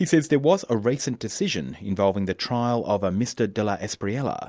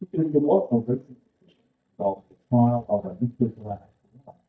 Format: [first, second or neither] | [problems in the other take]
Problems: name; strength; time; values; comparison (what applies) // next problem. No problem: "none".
first | noise reduction (neural mask model DeepFilterNet 3)